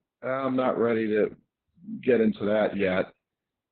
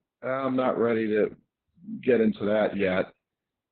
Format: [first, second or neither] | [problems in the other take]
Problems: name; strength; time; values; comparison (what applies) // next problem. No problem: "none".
neither | garbled, watery; badly; nothing above 4 kHz; the same in both